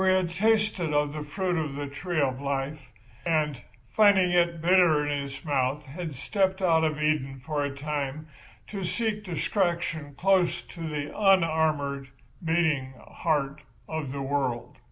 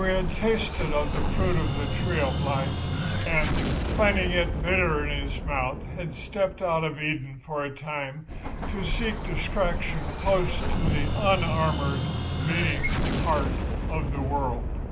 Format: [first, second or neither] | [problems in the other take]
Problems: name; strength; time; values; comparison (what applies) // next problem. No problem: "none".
first | background sound (Explosion); 1 dB above the speech